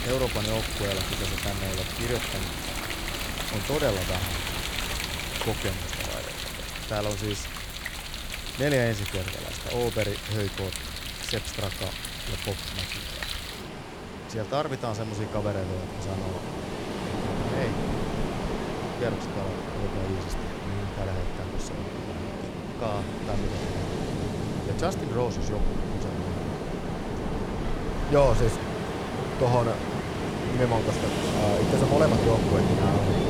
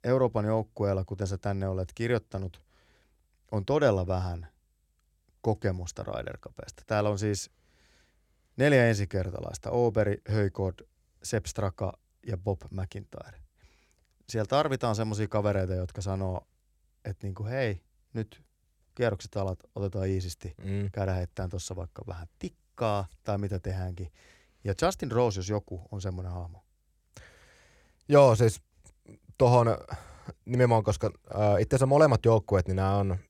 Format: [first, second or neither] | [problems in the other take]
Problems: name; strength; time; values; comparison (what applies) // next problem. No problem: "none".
second | rain or running water; loud; throughout; as loud as the speech